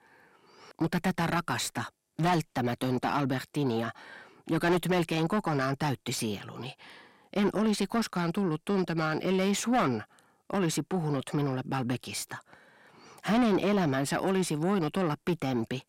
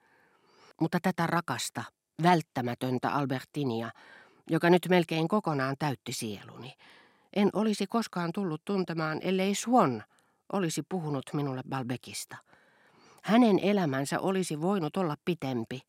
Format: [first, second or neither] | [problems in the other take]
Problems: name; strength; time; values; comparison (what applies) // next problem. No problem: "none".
second | distortion; heavy; 7 dB below the speech